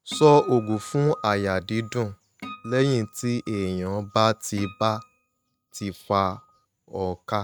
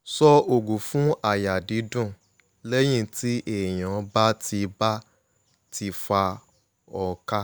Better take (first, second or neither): second